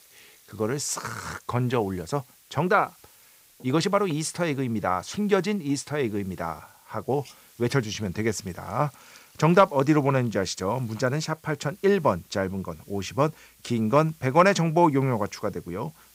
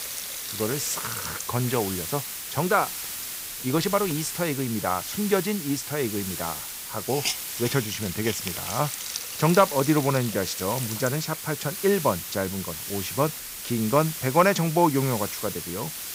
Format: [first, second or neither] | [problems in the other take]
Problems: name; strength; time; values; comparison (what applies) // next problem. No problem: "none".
first | hiss; loud; throughout; 5 dB below the speech; faint in the first